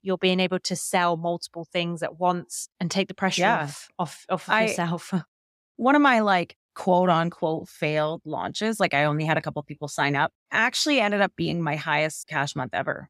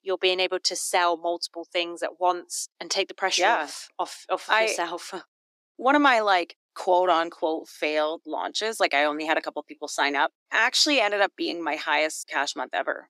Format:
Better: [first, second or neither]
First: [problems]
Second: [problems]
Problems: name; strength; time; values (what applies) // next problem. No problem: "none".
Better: first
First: none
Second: thin; somewhat; fading below 300 Hz